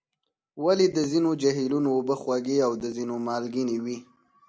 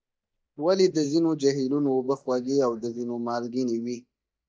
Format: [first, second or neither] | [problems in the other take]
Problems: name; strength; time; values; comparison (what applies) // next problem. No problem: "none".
first | noise reduction (neural mask model DeepFilterNet 3)